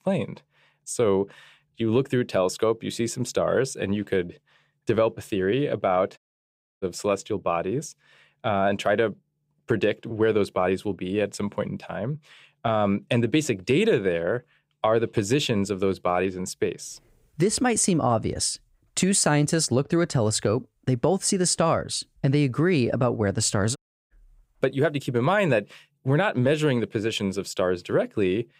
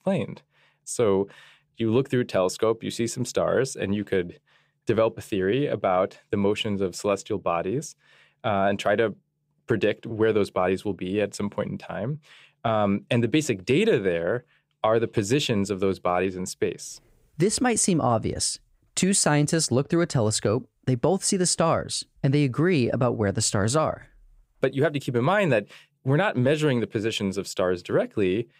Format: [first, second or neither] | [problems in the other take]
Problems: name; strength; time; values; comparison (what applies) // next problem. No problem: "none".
second | audio cutting out; at 6 s for 0.5 s and at 24 s